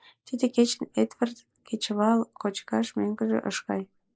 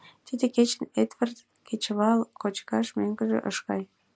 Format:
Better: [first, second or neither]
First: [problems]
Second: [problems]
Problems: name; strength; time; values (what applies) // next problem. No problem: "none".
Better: second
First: noise reduction (neural mask model Resemble Enhance denoiser)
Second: none